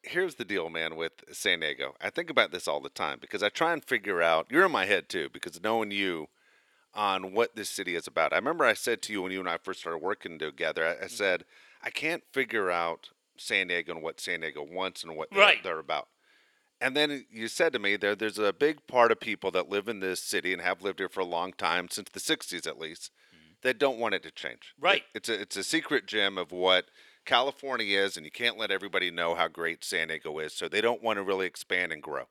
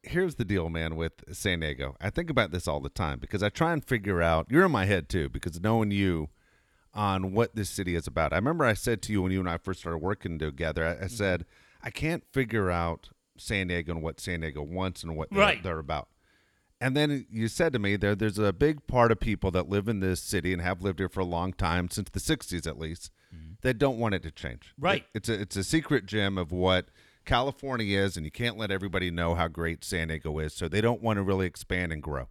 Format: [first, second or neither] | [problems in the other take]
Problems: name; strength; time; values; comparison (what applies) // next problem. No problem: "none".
second | thin; somewhat; fading below 450 Hz